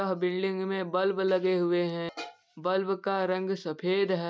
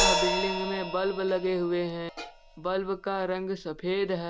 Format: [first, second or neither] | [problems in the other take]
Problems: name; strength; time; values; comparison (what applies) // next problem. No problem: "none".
first | background sound (Crash cymbal); 3 dB below the speech